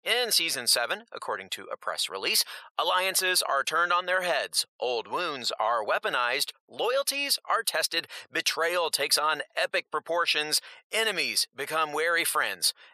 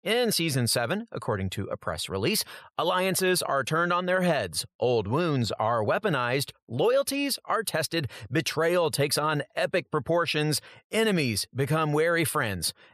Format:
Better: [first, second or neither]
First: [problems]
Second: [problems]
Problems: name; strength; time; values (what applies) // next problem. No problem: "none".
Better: second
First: thin; very; fading below 700 Hz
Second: none